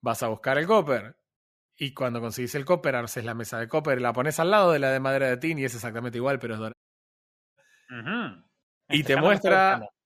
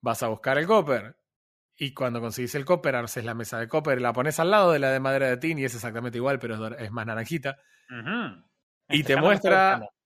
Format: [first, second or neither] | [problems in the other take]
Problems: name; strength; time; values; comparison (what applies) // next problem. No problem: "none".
second | audio cutting out; at 6.5 s for 1 s